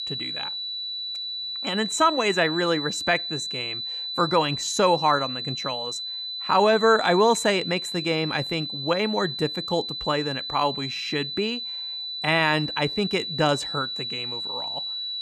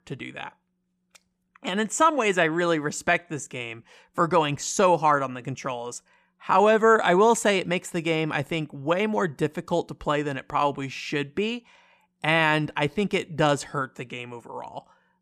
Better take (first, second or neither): second